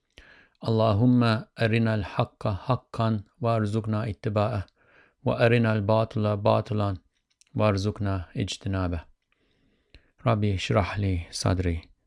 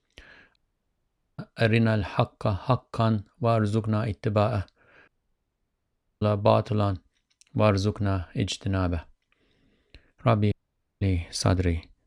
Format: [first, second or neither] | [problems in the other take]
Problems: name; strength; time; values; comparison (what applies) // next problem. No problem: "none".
first | audio cutting out; at 0.5 s for 1 s, at 5 s for 1 s and at 11 s